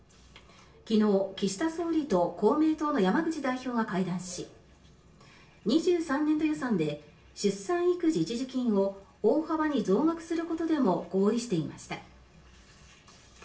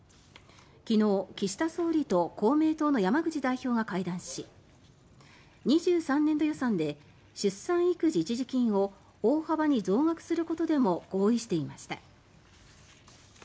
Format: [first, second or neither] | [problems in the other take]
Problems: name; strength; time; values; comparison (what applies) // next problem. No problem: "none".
second | room echo; dies away in 0.3 s